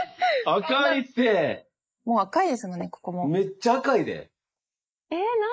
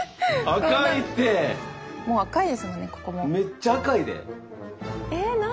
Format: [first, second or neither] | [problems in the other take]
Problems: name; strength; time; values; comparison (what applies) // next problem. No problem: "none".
second | noise reduction (neural mask model Resemble Enhance denoiser)